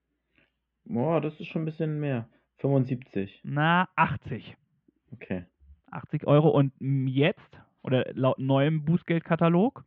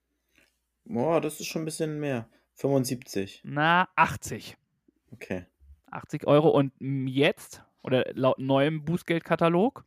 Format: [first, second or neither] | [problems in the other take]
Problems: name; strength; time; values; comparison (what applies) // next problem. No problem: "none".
second | muffled; very; fading above 3 kHz